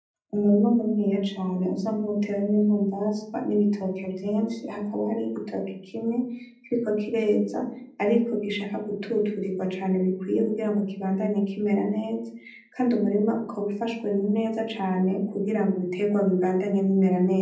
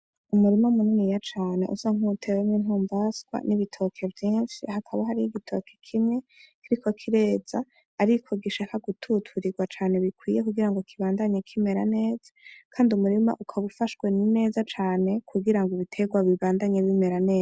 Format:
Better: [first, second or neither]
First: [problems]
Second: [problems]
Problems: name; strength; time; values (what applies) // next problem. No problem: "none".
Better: second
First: room echo; dies away in 0.6 s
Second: none